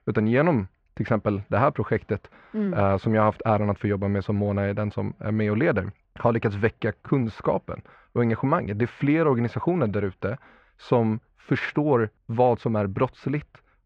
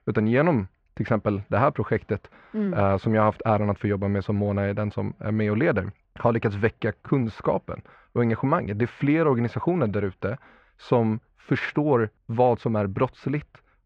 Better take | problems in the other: neither | muffled; very; fading above 2.5 kHz; the same in both

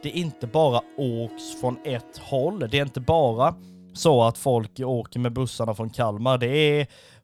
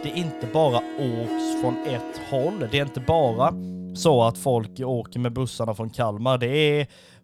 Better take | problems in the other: first | background music; loud; throughout; 9 dB below the speech; faint in the first

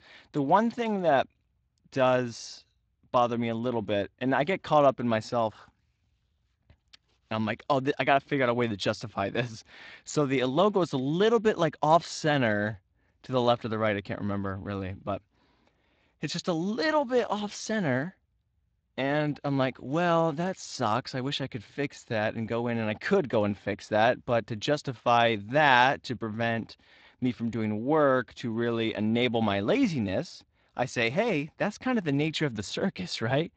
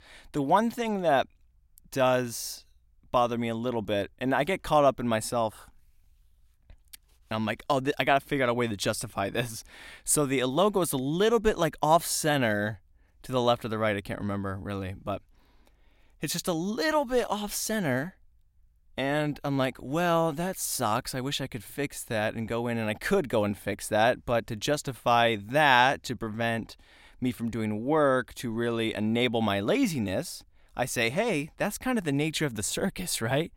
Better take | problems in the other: second | garbled, watery; slightly; nothing above 7.5 kHz

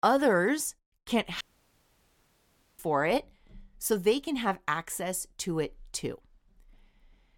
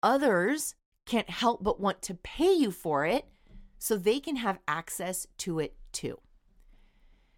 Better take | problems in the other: second | audio cutting out; at 1.5 s for 1.5 s

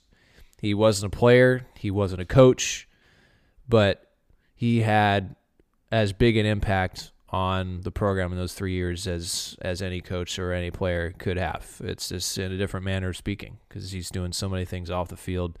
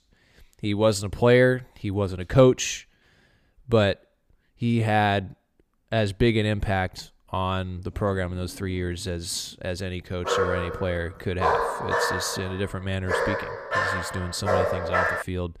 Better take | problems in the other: first | dog barking; loud; from 10 s on; peak 2 dB above the speech

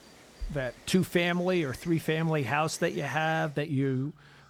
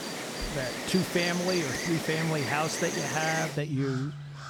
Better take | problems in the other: first | animal sounds; loud; throughout; 3 dB below the speech; faint in the first

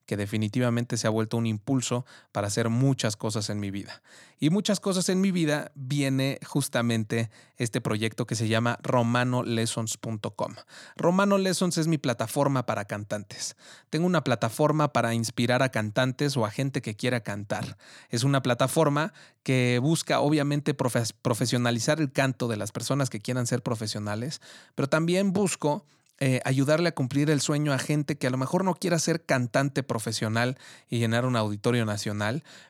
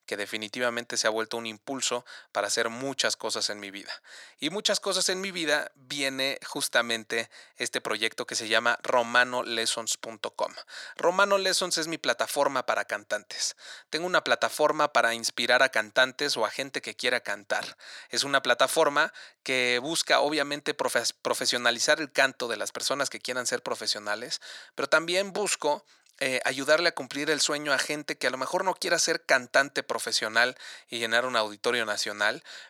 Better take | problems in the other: first | thin; very; fading below 550 Hz

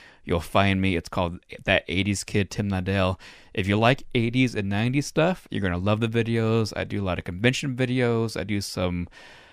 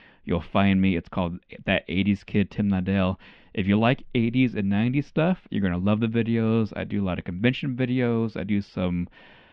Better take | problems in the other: first | muffled; very; fading above 3.5 kHz

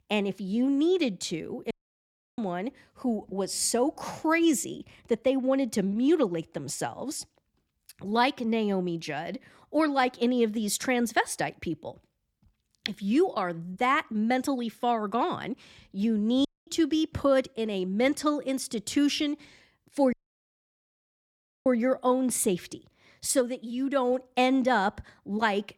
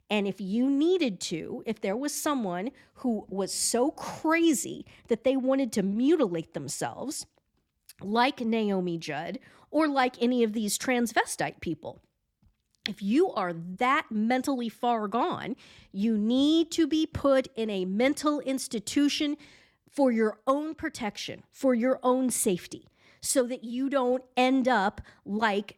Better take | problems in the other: second | audio cutting out; at 1.5 s for 0.5 s, at 16 s and at 20 s for 1.5 s

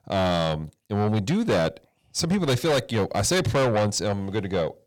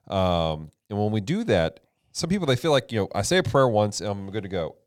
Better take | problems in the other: second | distortion; heavy; 7 dB below the speech

